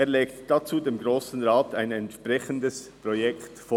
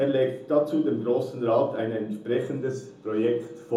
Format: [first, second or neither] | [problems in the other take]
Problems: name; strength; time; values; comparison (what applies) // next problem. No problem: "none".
first | room echo; dies away in 1 s